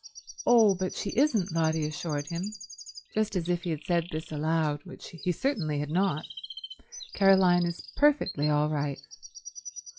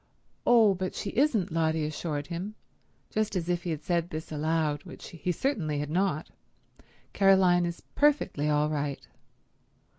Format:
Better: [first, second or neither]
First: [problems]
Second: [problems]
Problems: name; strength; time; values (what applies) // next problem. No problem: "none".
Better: second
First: noise reduction (classical method log-MMSE)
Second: none